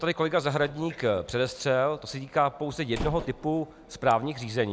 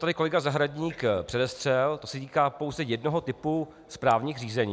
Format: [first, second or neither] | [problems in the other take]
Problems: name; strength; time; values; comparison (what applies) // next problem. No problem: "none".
second | background sound (Slam); 16 dB below the speech